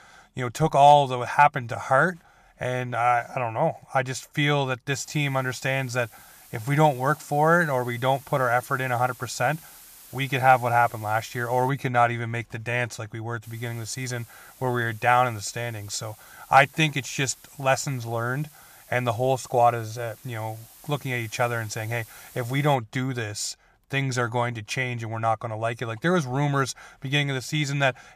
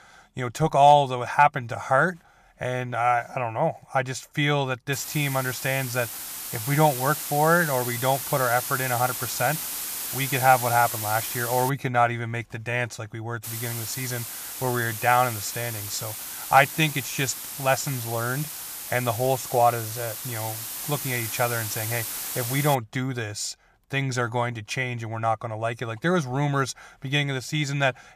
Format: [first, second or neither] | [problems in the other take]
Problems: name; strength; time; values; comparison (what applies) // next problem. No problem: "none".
first | hiss; loud; from 5 to 12 s and from 13 to 23 s; 6 dB below the speech; faint in the first